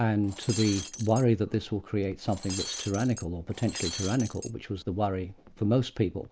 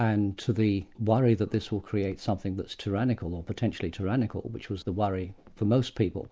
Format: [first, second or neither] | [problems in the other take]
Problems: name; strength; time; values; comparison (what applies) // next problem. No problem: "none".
second | background sound (Shatter); 10 dB below the speech